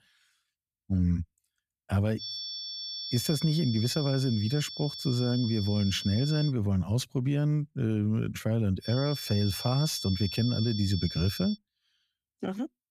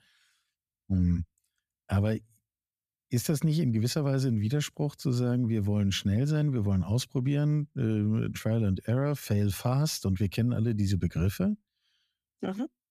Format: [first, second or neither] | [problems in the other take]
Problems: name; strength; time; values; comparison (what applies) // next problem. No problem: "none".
second | high-pitched whine; loud; from 2 to 6.5 s and from 9 to 12 s; 5.5 kHz, 7 dB below the speech